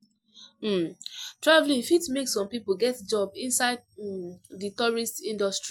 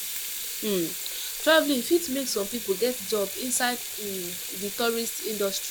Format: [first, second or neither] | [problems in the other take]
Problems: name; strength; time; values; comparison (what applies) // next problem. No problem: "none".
first | background sound (Sink (filling or washing) / Water tap, faucet); 6 dB below the speech